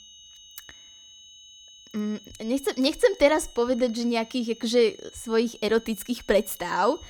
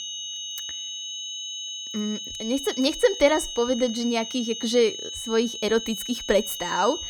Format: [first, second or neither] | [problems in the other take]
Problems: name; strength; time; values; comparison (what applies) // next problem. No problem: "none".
first | high-pitched whine; loud; throughout; 3 kHz, 7 dB below the speech; faint in the first